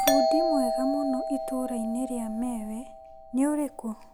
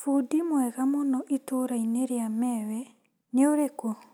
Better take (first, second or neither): second